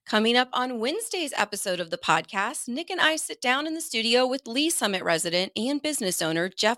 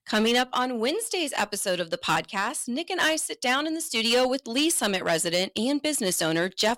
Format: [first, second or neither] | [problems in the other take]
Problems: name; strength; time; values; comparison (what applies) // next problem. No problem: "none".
first | distortion; slight; 4% of the sound clipped